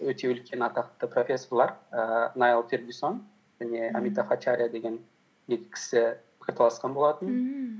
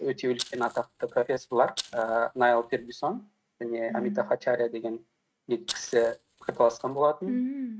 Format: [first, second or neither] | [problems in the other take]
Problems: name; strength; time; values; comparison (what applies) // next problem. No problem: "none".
first | noise reduction (neural mask model RNNoise)